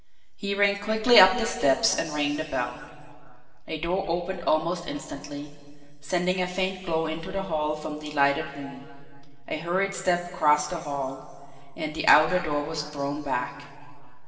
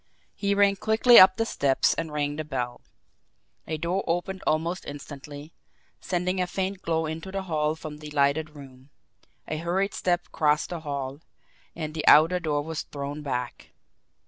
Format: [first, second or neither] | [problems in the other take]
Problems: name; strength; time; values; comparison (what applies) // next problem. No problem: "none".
second | room echo; dies away in 2.2 s